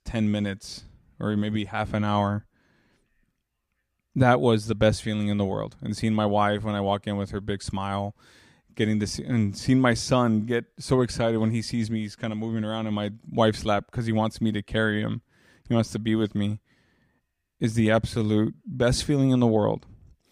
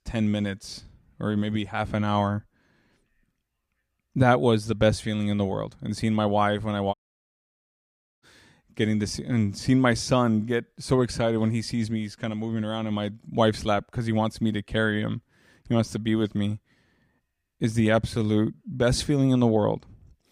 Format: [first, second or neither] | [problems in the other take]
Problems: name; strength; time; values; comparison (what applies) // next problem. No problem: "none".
first | audio cutting out; at 7 s for 1.5 s